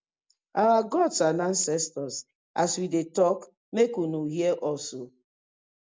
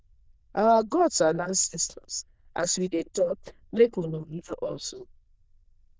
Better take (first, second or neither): first